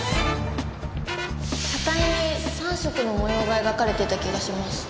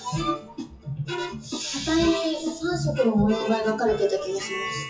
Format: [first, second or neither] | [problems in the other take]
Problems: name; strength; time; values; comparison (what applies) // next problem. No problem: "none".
first | noise reduction (classical method WPE with log-MMSE)